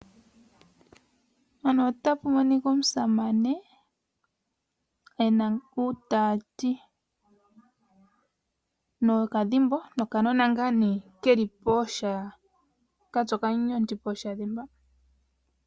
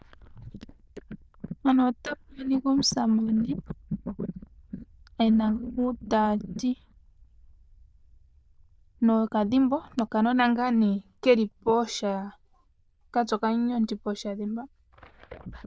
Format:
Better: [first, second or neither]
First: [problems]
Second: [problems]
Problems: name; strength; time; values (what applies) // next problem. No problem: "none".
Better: first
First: none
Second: noise reduction (neural diffusion model UNIVERSE++)